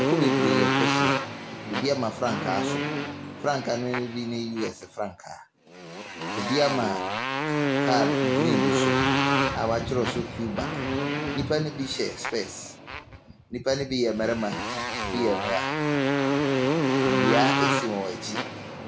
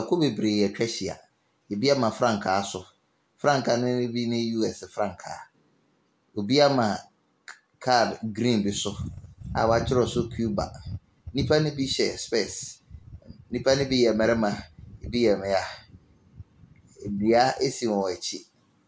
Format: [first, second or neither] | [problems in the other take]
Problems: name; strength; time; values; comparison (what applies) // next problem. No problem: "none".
second | background sound (Motorcycle); 3 dB above the speech